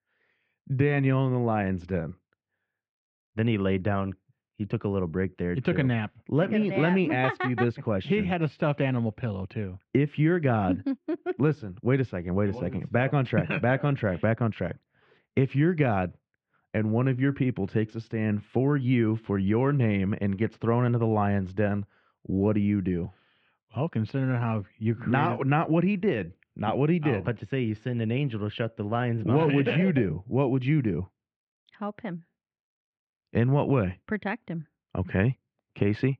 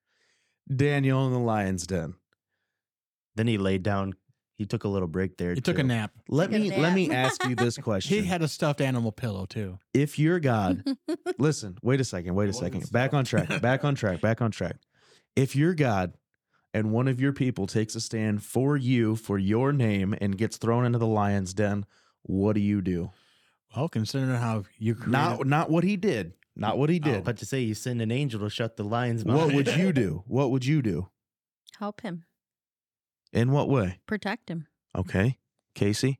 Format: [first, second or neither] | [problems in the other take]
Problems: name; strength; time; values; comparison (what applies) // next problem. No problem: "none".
second | muffled; very; fading above 2.5 kHz